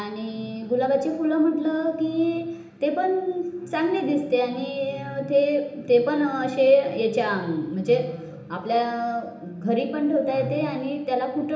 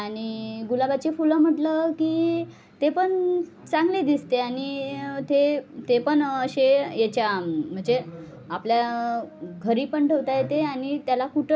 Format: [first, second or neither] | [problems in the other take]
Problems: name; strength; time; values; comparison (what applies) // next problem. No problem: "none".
second | room echo; dies away in 0.8 s